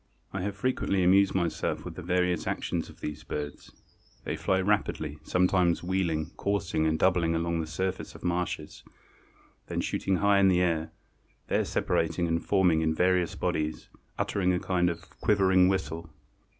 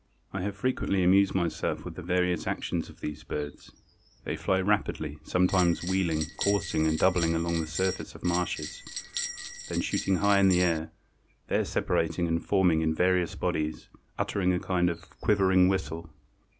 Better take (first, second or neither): first